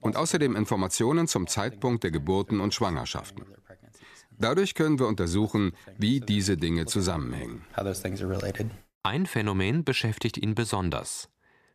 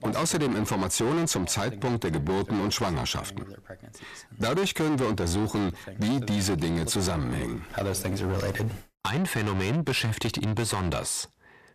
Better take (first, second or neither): first